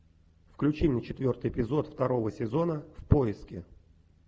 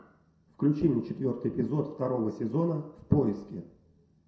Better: first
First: none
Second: room echo; dies away in 0.5 s

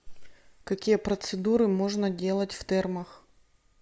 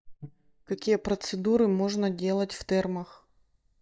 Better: first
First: none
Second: noise reduction (neural mask model DeepFilterNet 3)

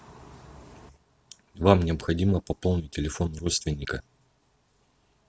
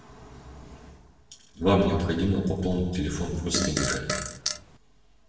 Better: first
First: none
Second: background sound (Fart); 3 dB below the speech // room echo; dies away in 1.1 s

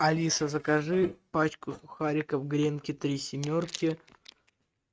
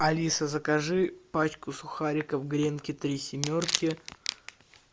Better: second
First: noise reduction (neural mask model RNNoise)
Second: none

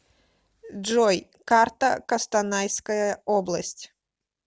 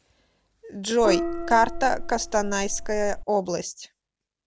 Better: first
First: none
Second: background sound (Gong); 3 dB below the speech

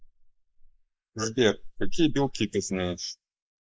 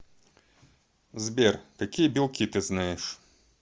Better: second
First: noise reduction (neural mask model Resemble Enhance denoiser)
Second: none

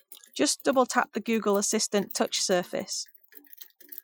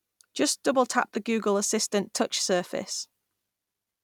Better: second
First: noise reduction (classical method Wiener filter)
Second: none

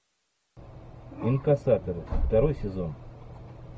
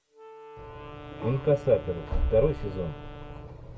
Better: first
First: none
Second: background sound (Wind instrument, woodwind instrument); 17 dB below the speech // room echo; dies away in 2.3 s

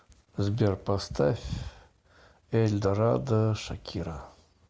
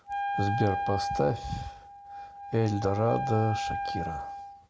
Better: first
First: none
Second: background sound (Wind instrument, woodwind instrument); 3 dB below the speech

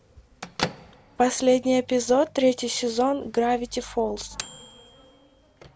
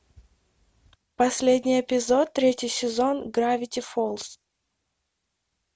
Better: second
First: background sound (Microwave oven / Bell); 15 dB below the speech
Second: none

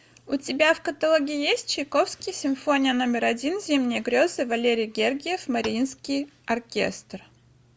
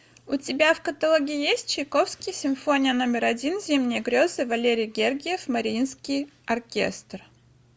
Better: second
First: background sound (Tap); 17 dB below the speech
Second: none

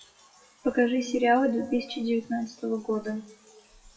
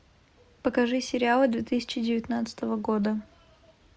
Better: second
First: noise reduction (classical method WPE with log-MMSE)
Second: none

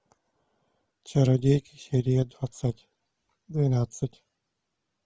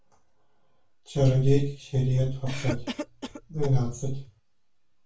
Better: first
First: none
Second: background sound (Cough); 13 dB below the speech // room echo; dies away in 0.3 s

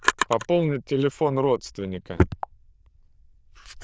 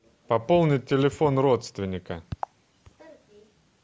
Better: second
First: noise reduction (neural diffusion model UNIVERSE++)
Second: none

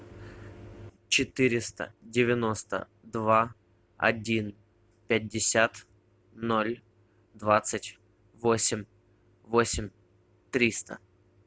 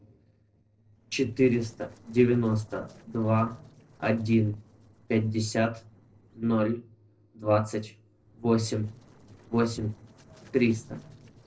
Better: first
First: none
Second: noise reduction (neural separator model SepFormer DNS4)

